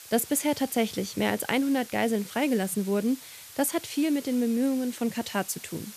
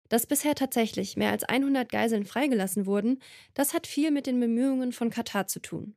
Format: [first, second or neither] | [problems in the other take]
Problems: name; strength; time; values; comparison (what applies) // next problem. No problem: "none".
second | hiss; noticeable; throughout; 15 dB below the speech